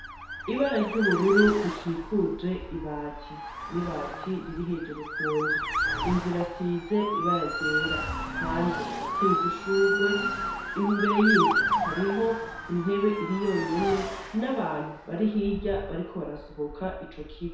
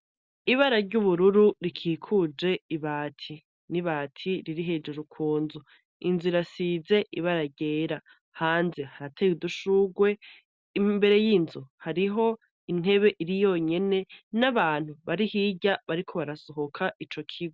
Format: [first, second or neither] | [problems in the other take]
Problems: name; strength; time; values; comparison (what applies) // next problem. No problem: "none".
second | background sound (Motor vehicle (road) / Siren); 3 dB below the speech // room echo; dies away in 0.7 s